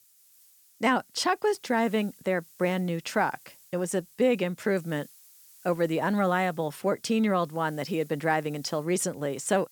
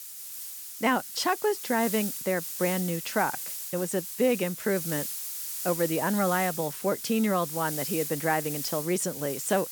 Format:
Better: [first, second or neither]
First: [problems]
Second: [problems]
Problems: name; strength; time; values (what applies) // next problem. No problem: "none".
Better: first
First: hiss; faint; throughout; 25 dB below the speech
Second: hiss; loud; throughout; 5 dB below the speech